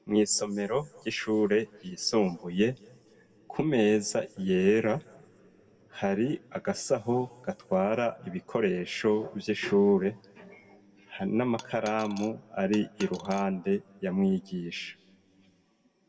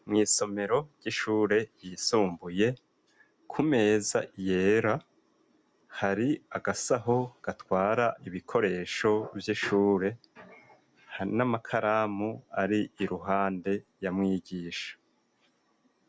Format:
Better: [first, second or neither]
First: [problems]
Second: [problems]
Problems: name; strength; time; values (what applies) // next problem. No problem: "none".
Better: second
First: background sound (Coin (dropping)); 17 dB below the speech // room echo; dies away in 1.4 s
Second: none